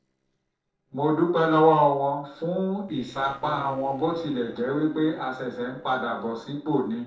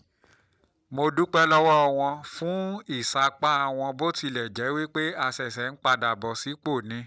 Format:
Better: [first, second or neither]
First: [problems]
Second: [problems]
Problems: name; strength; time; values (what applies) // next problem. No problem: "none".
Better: second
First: noise reduction (neural separator model SepFormer DNS4)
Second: none